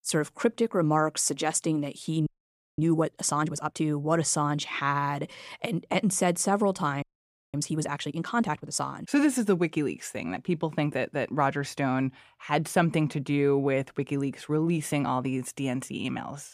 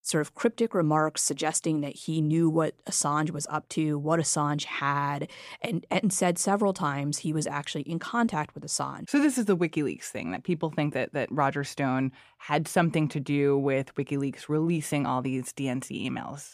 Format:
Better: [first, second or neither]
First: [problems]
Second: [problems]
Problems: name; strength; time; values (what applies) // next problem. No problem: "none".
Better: second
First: audio freezing; at 2.5 s for 0.5 s and at 7 s for 0.5 s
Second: none